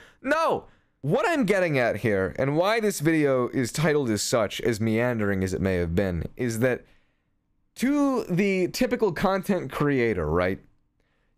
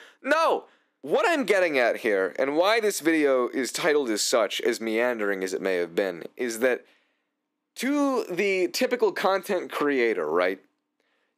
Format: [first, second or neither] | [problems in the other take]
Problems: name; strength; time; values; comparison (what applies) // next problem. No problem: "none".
first | thin; very slightly; fading below 300 Hz